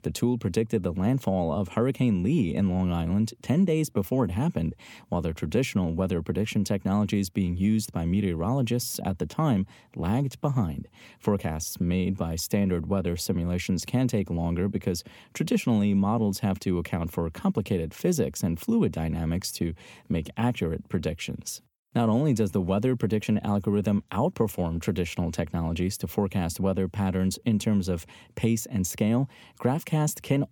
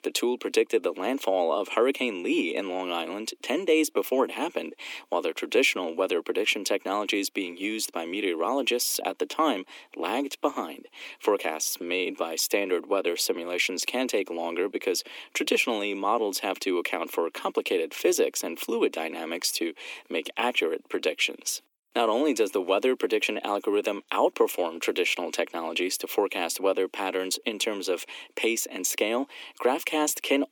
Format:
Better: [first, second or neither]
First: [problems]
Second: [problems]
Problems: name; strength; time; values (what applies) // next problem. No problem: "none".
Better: first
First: none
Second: thin; very; fading below 300 Hz